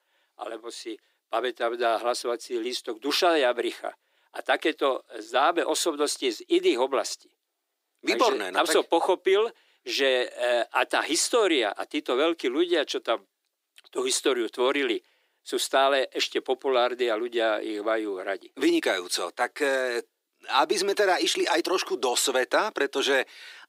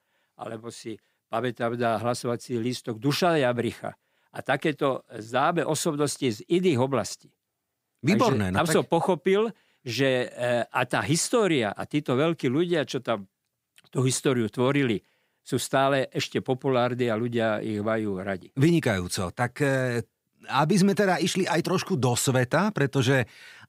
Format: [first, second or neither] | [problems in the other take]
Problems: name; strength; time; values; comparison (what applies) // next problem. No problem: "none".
second | thin; somewhat; fading below 350 Hz